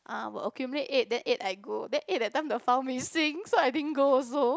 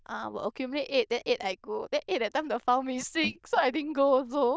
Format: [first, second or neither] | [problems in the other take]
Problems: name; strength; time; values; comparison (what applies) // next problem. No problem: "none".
first | noise reduction (neural diffusion model UNIVERSE++)